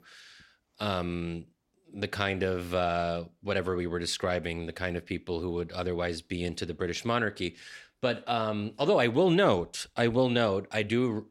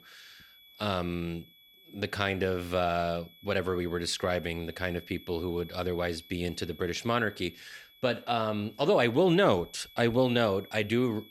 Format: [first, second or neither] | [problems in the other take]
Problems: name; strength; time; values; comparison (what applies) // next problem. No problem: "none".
first | high-pitched whine; faint; throughout; 3.5 kHz, 20 dB below the speech